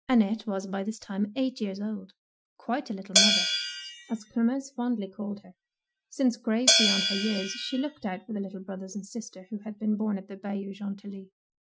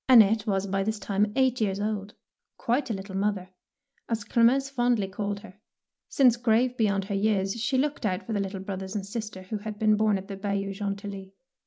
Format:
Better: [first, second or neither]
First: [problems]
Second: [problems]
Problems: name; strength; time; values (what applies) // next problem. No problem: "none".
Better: second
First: noise reduction (classical method Wiener filter)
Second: none